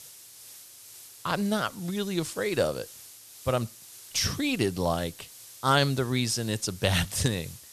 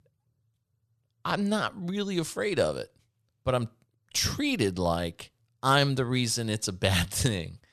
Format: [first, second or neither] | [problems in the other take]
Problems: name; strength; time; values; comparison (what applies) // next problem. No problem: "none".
second | hiss; noticeable; throughout; 15 dB below the speech